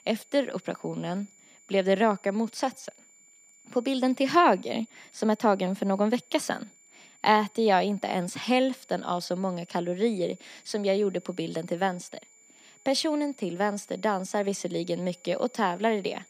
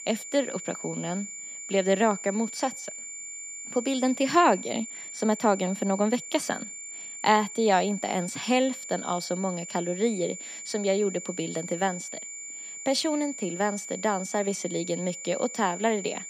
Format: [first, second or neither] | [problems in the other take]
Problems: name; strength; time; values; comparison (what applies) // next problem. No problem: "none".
first | high-pitched whine; loud; throughout; 7 kHz, 9 dB below the speech; faint in the first